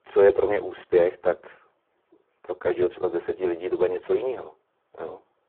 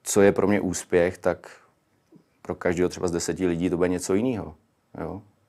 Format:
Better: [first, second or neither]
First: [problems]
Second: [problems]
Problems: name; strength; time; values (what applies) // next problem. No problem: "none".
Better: second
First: phone-call audio; poor line; nothing above 3.5 kHz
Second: none